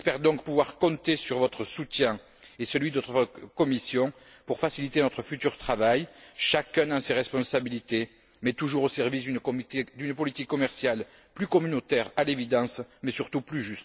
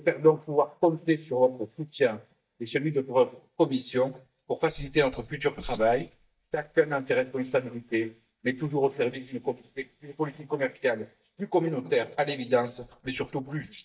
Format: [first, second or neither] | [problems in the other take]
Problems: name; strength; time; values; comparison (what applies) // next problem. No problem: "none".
first | noise reduction (neural mask model DeepFilterNet 3)